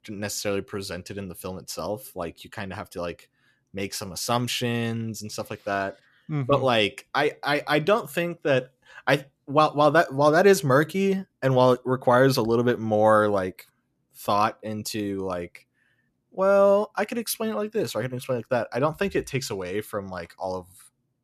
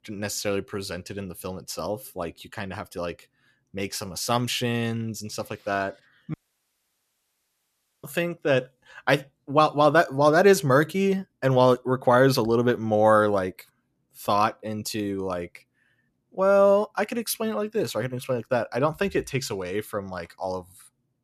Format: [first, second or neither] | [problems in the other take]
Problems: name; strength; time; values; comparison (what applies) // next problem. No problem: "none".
first | audio cutting out; at 6.5 s for 1.5 s